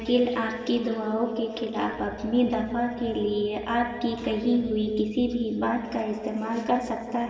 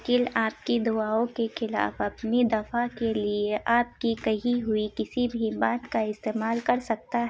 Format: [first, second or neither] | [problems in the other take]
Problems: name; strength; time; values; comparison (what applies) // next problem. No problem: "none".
second | room echo; dies away in 1.8 s